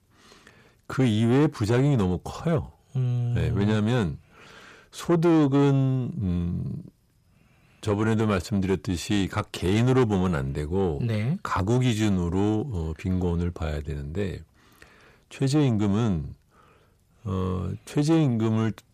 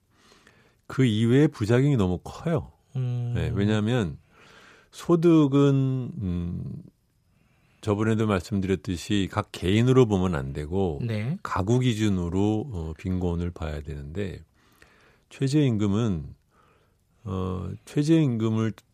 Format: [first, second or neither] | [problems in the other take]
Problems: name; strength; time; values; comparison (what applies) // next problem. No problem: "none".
second | distortion; slight; 10 dB below the speech